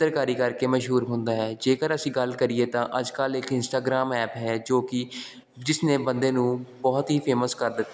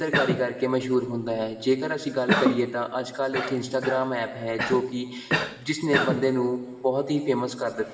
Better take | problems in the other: first | background sound (Cough); 5 dB below the speech // room echo; dies away in 1.8 s

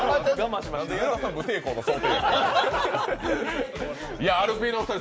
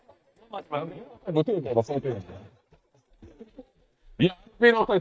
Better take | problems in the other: first | noise reduction (neural mask model DeepFilterNet 3)

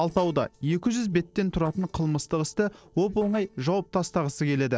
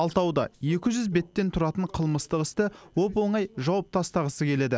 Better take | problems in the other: second | noise reduction (neural separator model SepFormer DNS4)

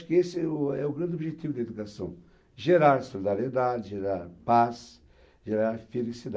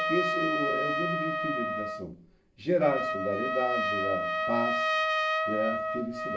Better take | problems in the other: first | background sound (Trumpet); 3 dB above the speech // room echo; dies away in 0.4 s

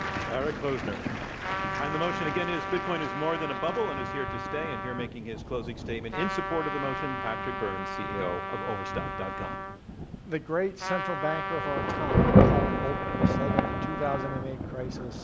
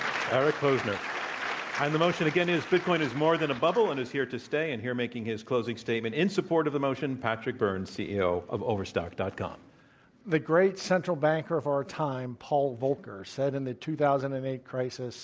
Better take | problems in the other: second | background sound (Thunder / Rain + Trumpet); 4 dB above the speech

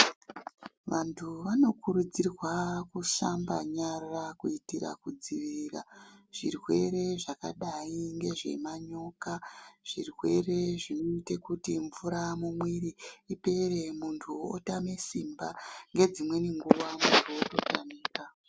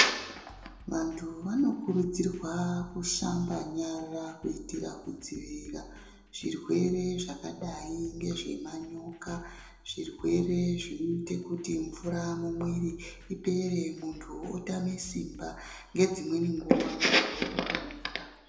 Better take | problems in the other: first | background sound (Drum kit); 20 dB below the speech // room echo; dies away in 0.7 s

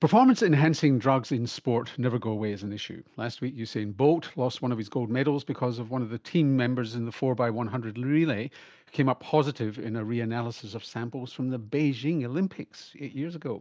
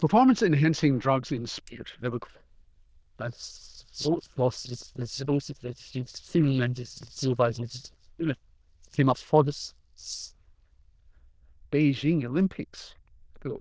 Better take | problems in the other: first | noise reduction (neural diffusion model UNIVERSE++)

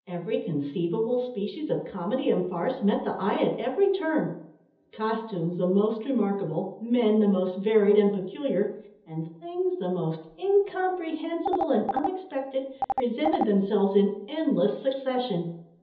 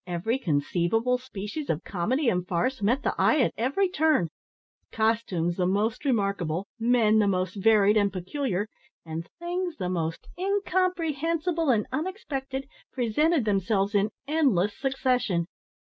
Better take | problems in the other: second | background sound (Telephone); 6 dB below the speech // room echo; dies away in 0.7 s

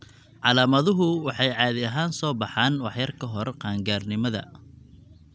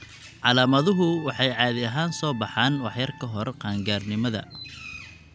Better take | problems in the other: first | background sound (Bird + Trumpet); 20 dB below the speech

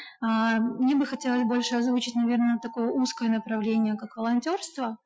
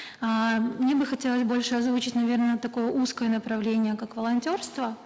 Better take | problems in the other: second | noise reduction (classical method Wiener filter)

